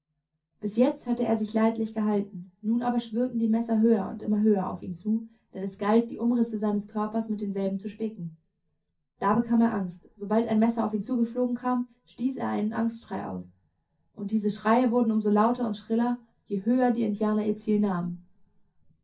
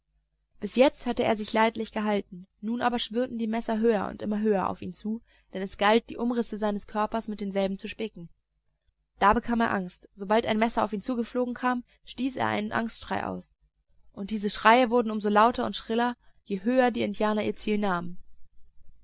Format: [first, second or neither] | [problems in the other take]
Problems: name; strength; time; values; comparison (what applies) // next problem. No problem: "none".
second | room echo; dies away in 0.3 s